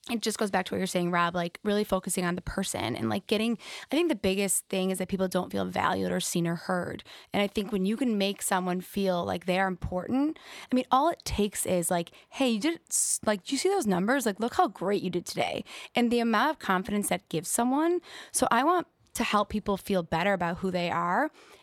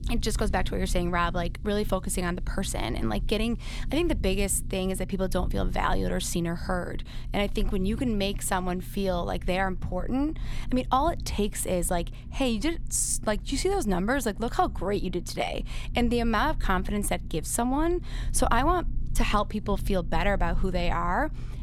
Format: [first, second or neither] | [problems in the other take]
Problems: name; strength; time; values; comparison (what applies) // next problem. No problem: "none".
first | low rumble; faint; throughout; 25 dB below the speech